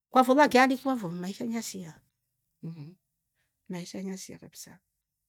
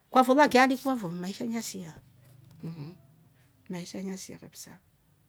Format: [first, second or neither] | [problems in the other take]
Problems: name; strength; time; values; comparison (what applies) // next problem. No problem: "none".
second | noise reduction (neural mask model DeepFilterNet 3)